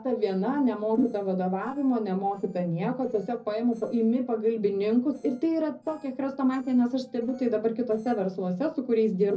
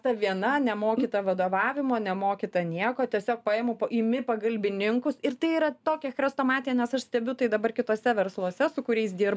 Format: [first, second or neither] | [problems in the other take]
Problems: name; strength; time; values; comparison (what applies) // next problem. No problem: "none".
second | noise reduction (neural separator model SepFormer DNS4)